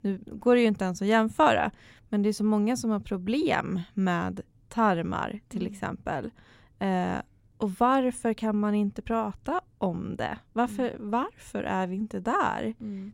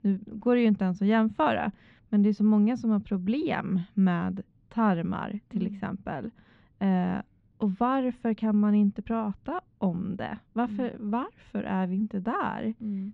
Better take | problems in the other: first | muffled; slightly; fading above 4 kHz

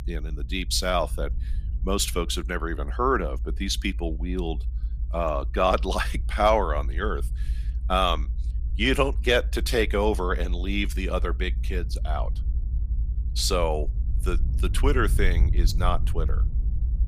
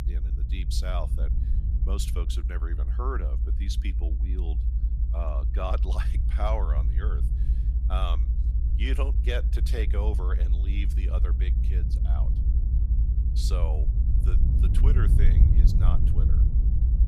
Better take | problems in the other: first | low rumble; loud; throughout; 6 dB below the speech; faint in the first

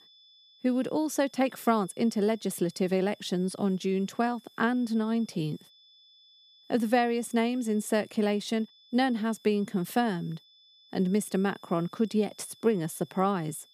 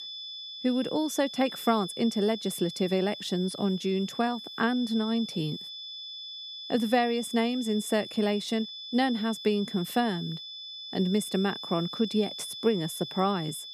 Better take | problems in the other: first | high-pitched whine; loud; throughout; 3.5 kHz, 9 dB below the speech; faint in the first

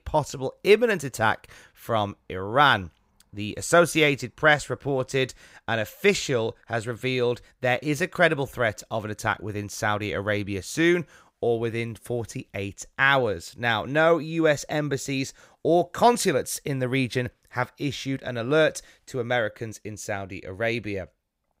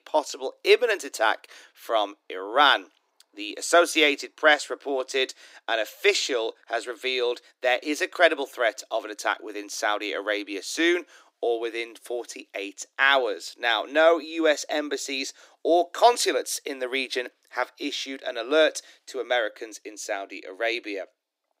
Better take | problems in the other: first | thin; somewhat; fading below 300 Hz

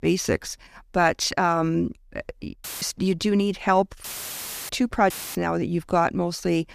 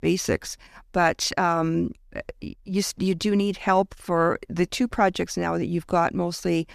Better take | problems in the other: second | audio cutting out; filled with static; at 2.5 s, at 4 s for 0.5 s and at 5 s

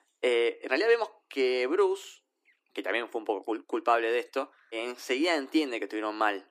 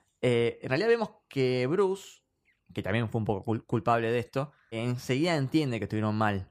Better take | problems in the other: second | thin; somewhat; fading below 300 Hz

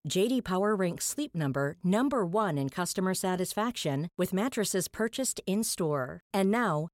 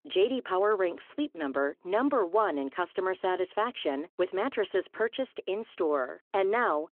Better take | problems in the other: first | phone-call audio

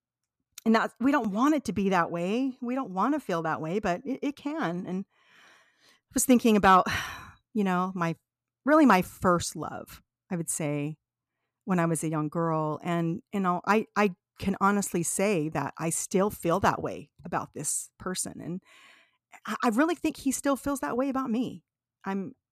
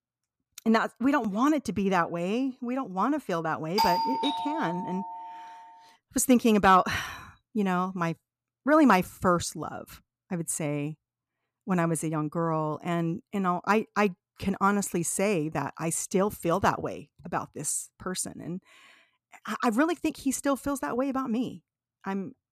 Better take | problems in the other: first | doorbell; loud; from 4 to 5 s; peak 2 dB above the speech

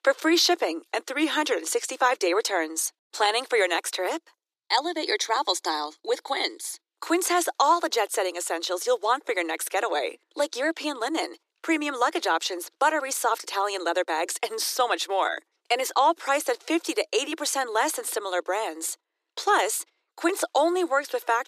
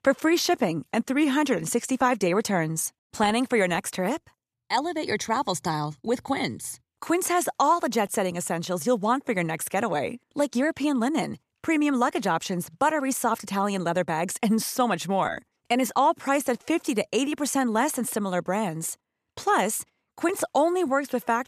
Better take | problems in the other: second | thin; very; fading below 300 Hz

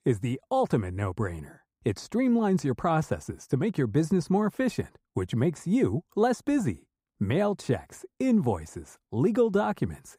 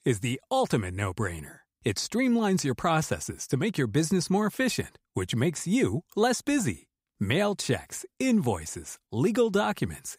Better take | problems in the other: second | muffled; slightly; fading above 1.5 kHz

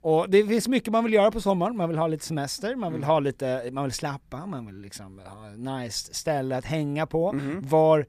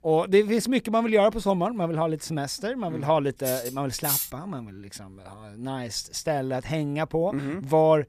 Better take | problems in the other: first | clattering dishes; loud; at 3.5 s; peak 1 dB above the speech

